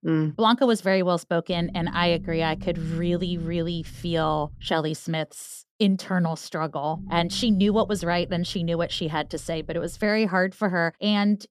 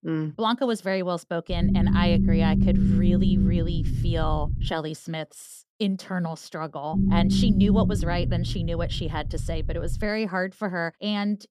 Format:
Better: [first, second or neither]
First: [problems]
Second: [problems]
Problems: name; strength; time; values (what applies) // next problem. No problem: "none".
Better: first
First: low rumble; faint; from 1.5 to 4.5 s and from 7 to 10 s; 20 dB below the speech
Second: low rumble; loud; from 1.5 to 4.5 s and from 7 to 10 s; 2 dB below the speech